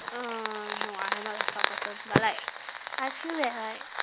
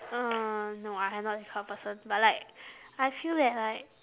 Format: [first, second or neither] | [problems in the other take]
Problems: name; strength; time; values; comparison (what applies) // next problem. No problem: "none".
second | background sound (Fire); 2 dB above the speech